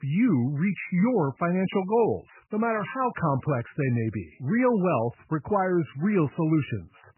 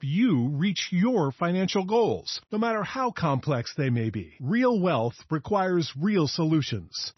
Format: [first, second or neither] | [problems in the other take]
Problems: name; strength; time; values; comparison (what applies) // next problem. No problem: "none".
second | garbled, watery; badly; nothing above 3 kHz; slightly in the second